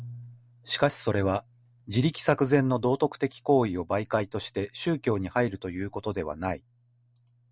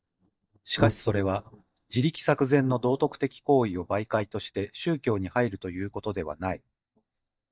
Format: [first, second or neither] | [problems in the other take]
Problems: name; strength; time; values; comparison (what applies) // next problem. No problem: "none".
first | noise reduction (neural mask model DeepFilterNet 3)